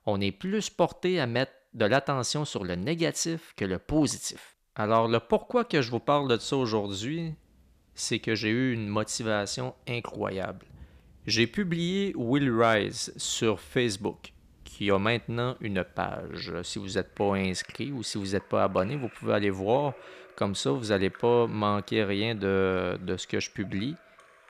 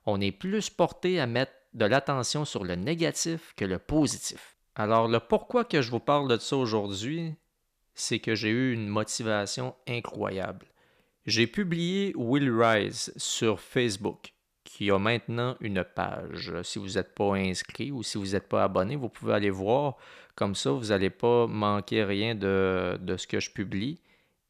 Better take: second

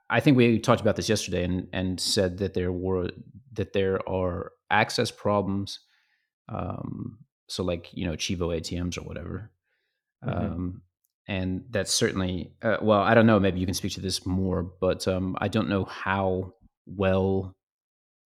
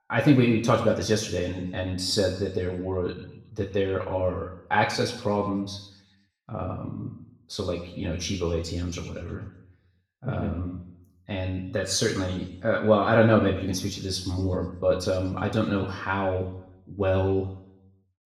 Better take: first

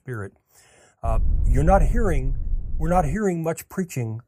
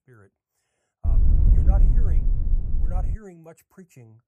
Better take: first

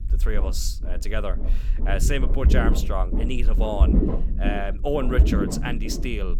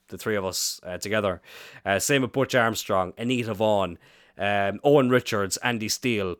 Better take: second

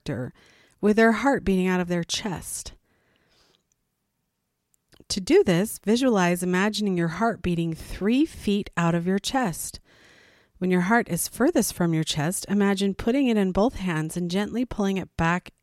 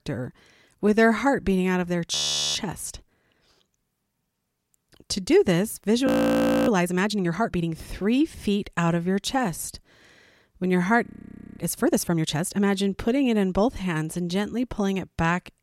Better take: first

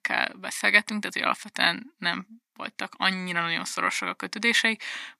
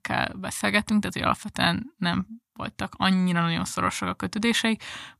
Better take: second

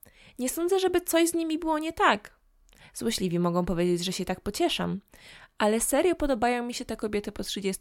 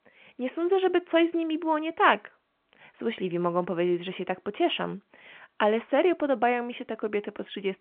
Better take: first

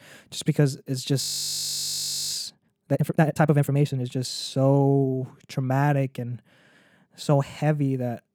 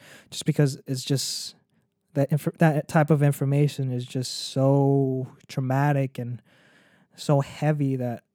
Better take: second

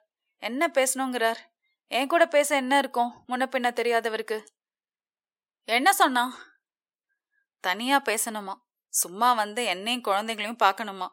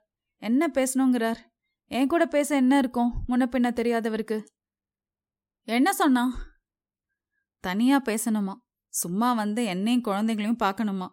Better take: second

